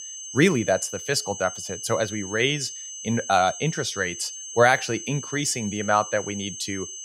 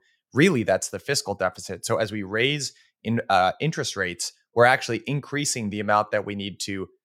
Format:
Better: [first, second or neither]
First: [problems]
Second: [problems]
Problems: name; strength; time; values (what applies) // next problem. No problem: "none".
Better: second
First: high-pitched whine; loud; throughout; 6.5 kHz, 10 dB below the speech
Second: none